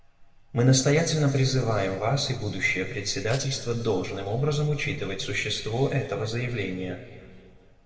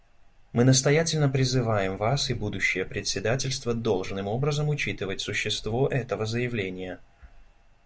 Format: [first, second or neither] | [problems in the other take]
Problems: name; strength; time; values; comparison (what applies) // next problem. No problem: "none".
second | noise reduction (neural separator model SepFormer DNS4)